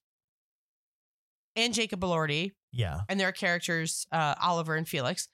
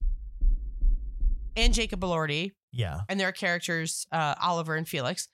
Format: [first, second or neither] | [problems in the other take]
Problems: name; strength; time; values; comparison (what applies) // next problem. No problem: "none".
first | door banging; noticeable; until 2 s; peak 3 dB below the speech